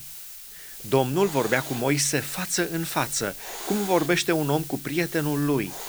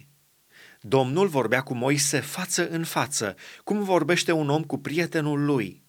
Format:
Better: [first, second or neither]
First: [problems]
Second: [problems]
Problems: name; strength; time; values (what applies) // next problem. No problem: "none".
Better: second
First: hiss; loud; throughout; 10 dB below the speech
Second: none